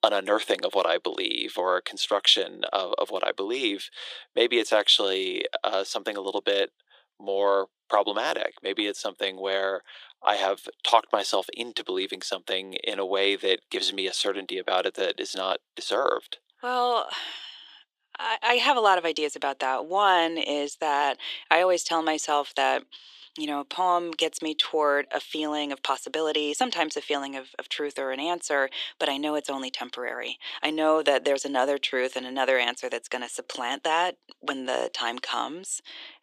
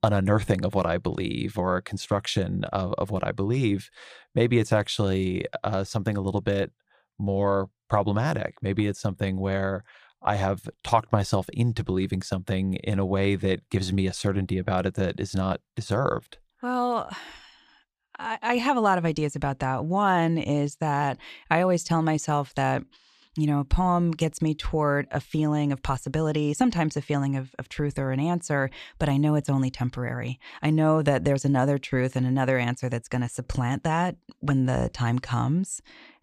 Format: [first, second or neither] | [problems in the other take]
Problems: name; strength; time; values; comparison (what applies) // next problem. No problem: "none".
second | thin; very; fading below 350 Hz